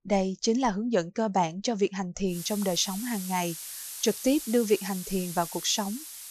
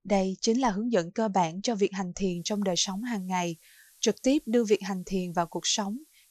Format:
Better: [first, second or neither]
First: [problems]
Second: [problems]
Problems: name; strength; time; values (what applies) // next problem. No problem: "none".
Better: second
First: hiss; loud; from 2.5 s on; 9 dB below the speech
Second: hiss; faint; from 2.5 s on; 30 dB below the speech